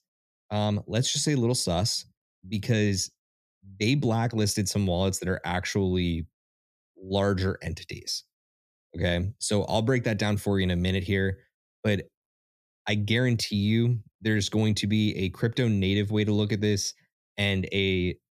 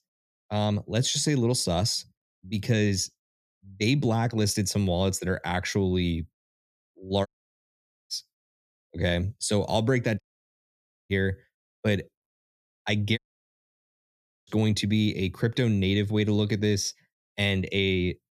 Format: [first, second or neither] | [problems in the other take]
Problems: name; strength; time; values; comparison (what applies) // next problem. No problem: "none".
first | audio cutting out; at 7.5 s for 1 s, at 10 s for 1 s and at 13 s for 1.5 s